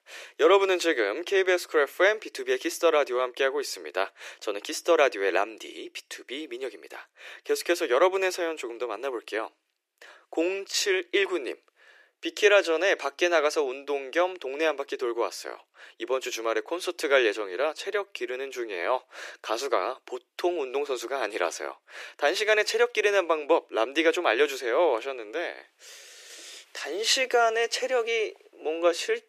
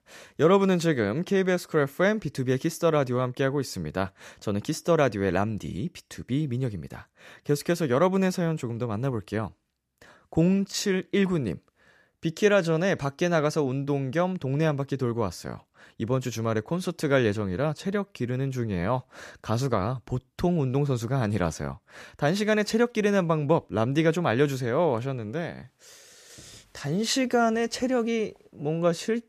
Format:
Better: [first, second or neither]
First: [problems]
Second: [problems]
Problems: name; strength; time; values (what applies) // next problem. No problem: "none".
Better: second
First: thin; very; fading below 350 Hz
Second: none